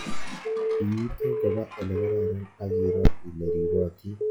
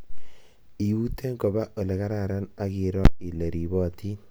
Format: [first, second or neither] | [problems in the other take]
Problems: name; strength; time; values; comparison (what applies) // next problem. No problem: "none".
second | noise reduction (classical method log-MMSE)